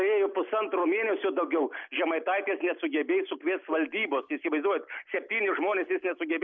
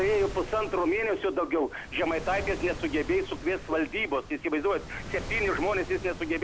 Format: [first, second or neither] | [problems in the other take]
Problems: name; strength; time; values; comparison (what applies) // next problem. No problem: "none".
first | background sound (Waves, surf); 11 dB below the speech